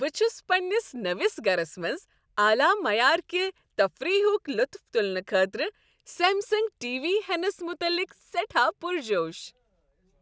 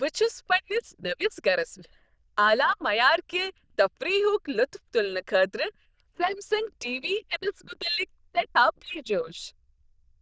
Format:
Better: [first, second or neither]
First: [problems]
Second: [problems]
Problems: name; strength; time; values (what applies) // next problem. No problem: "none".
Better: first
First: none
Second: noise reduction (neural diffusion model UNIVERSE++)